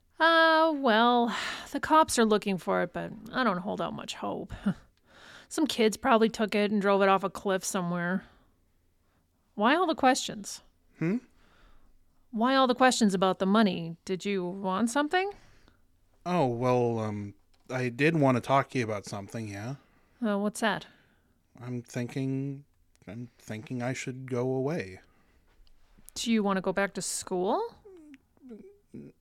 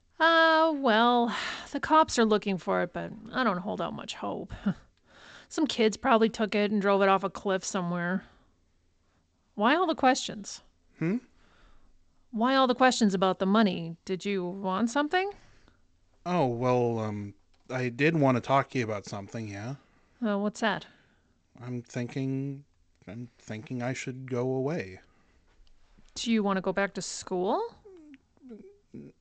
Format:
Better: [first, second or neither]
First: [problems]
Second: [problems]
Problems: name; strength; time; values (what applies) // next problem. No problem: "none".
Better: first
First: none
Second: garbled, watery; slightly; nothing above 8 kHz